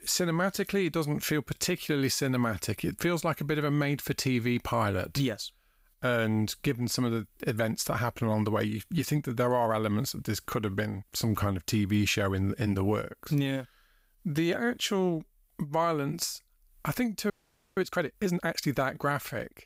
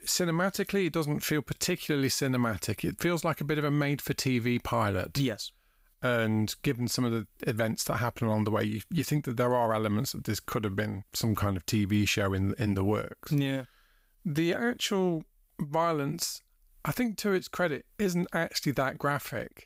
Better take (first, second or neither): second